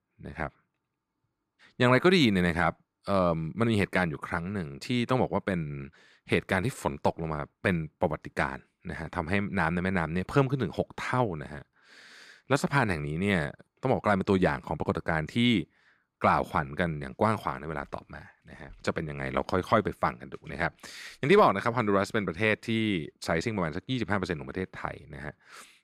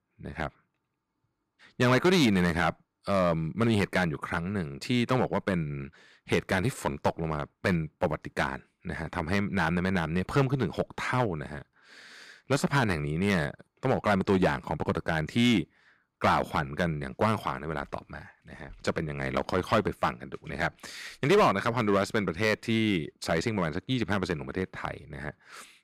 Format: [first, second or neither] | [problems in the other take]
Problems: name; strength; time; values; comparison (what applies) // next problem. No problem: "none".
first | distortion; slight; 3% of the sound clipped